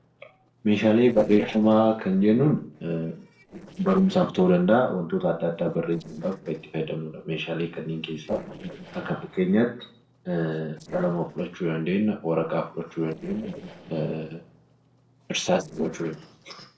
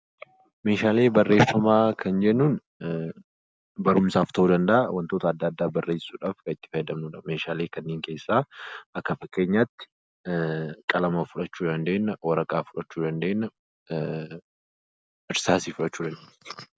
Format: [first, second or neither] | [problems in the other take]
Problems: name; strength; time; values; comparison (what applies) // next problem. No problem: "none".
second | noise reduction (neural separator model SepFormer DNS4)